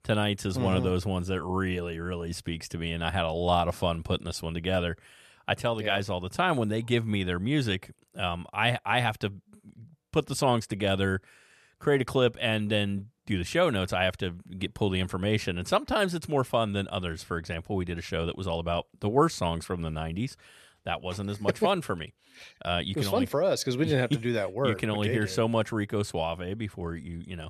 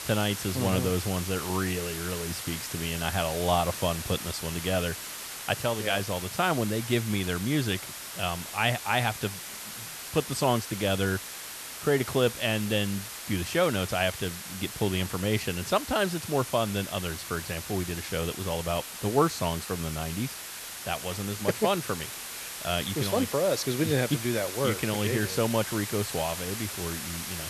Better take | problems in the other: first | hiss; loud; throughout; 7 dB below the speech

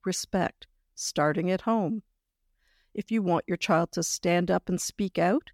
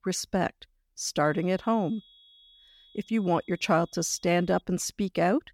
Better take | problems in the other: first | high-pitched whine; faint; from 1 to 4.5 s; 3.5 kHz, 30 dB below the speech

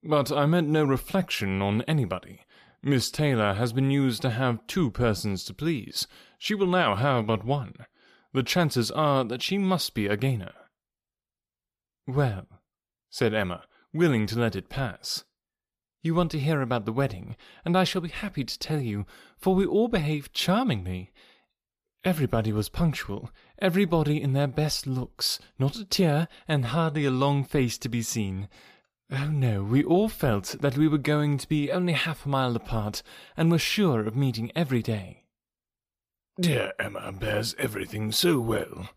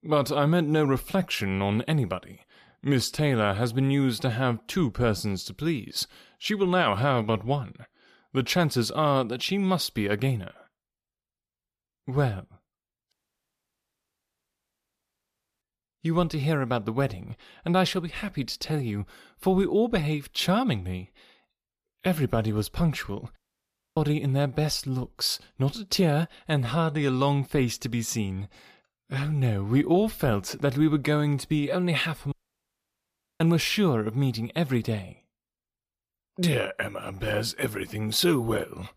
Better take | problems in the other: first | audio cutting out; at 13 s for 2.5 s, at 23 s for 0.5 s and at 32 s for 1 s

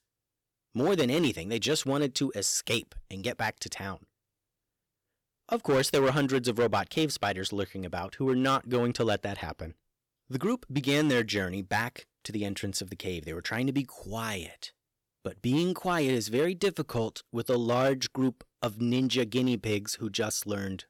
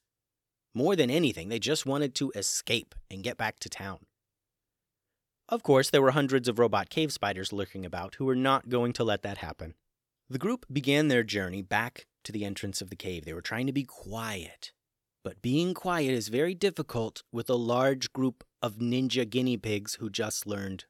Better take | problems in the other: second | distortion; slight; 4% of the sound clipped

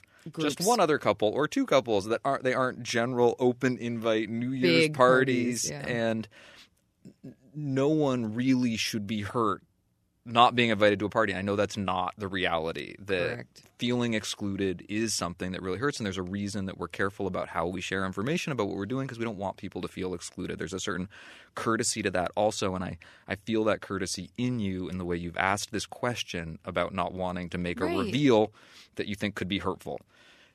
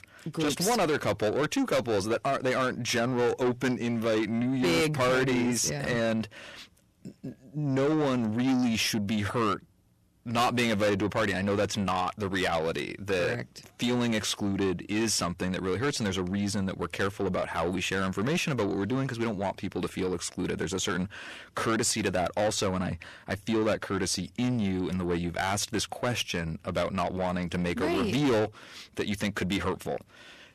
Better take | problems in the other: first | distortion; heavy; 6 dB below the speech

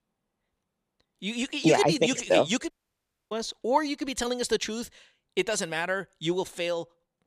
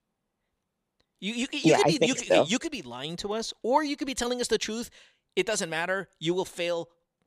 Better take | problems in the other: second | audio cutting out; at 2.5 s for 0.5 s

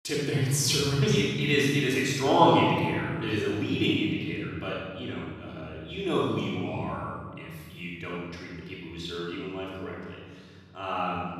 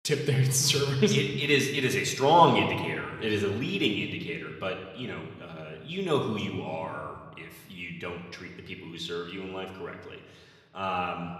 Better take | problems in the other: second | room echo; strong; dies away in 2.2 s; slight in the second // off-mic speech; far; somewhat distant in the second

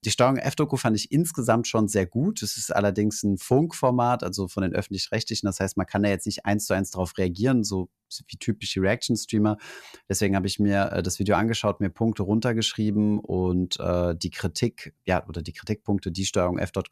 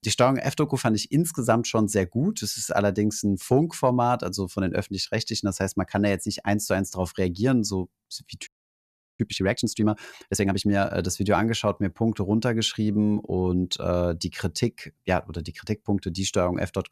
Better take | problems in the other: first | audio freezing; at 8.5 s for 0.5 s

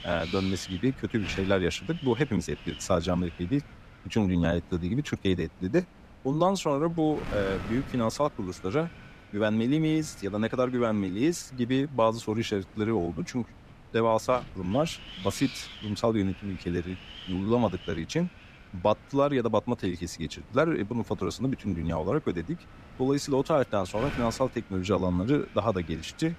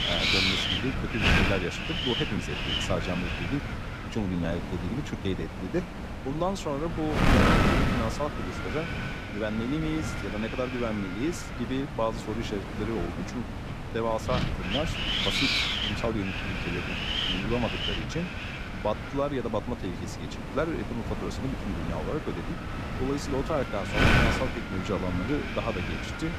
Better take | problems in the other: first | wind noise on the microphone; heavy; 4 dB above the speech; occasional gusts in the first

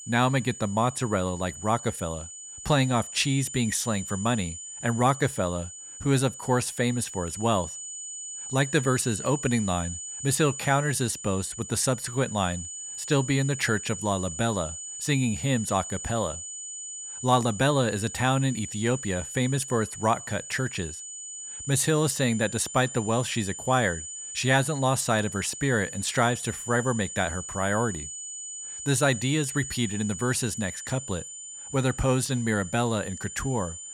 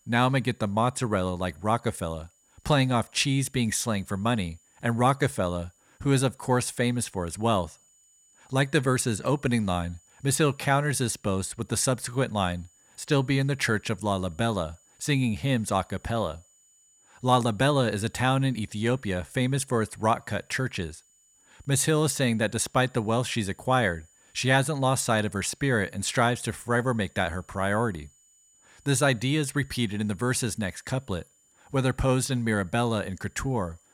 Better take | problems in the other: second | high-pitched whine; loud; throughout; 7 kHz, 9 dB below the speech; faint in the second

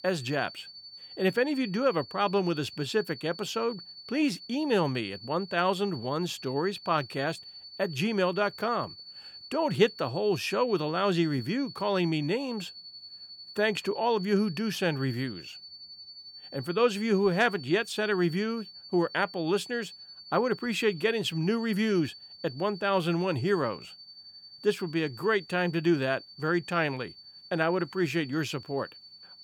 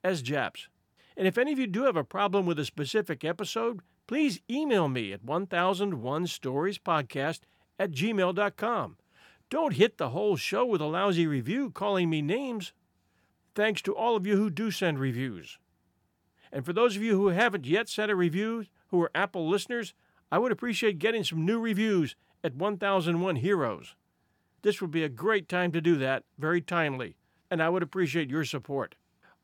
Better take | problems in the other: second | high-pitched whine; noticeable; throughout; 4.5 kHz, 15 dB below the speech

